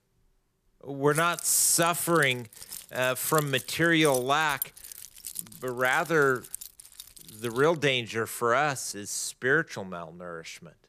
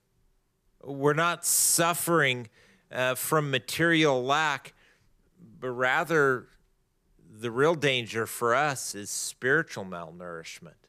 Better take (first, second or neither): second